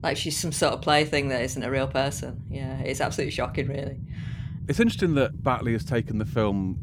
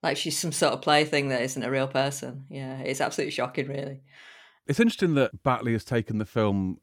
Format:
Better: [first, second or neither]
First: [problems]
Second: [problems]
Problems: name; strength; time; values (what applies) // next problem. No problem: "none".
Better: second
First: low rumble; faint; throughout; 20 dB below the speech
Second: none